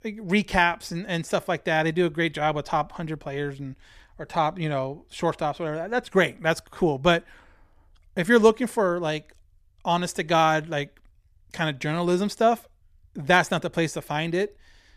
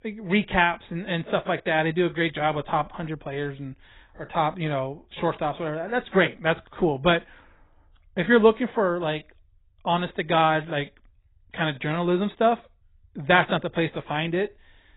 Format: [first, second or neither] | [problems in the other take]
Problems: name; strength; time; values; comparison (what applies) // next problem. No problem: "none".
first | garbled, watery; badly; nothing above 4 kHz